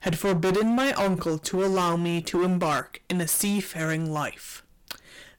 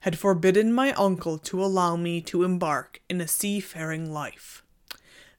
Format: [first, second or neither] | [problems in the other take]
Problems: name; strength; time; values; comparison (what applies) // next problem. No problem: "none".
second | distortion; heavy; 18% of the sound clipped